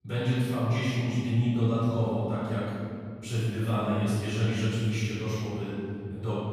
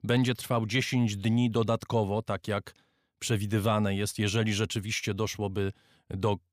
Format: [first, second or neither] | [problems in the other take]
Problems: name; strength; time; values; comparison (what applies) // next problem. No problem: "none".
second | off-mic speech; far // room echo; strong; dies away in 3 s